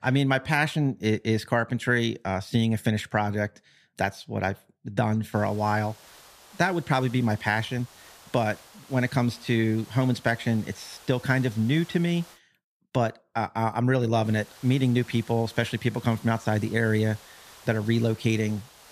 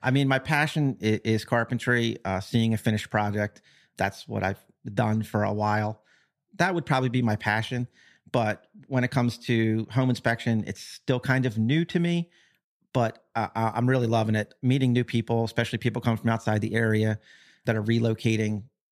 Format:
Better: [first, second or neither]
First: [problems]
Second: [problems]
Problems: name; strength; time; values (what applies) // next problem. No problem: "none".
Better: second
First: hiss; faint; from 5.5 to 12 s and from 14 s on; 20 dB below the speech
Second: none